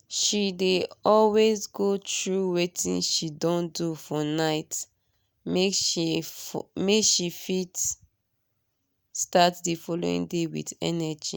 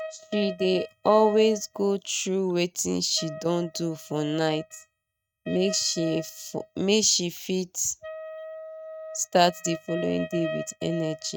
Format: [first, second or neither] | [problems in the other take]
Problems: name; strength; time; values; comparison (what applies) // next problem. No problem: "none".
first | noise reduction (neural mask model RNNoise)